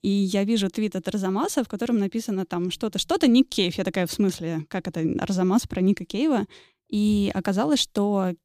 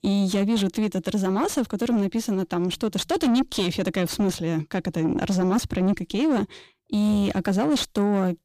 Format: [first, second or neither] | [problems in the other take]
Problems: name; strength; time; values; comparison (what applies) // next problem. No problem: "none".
first | distortion; slight; 9 dB below the speech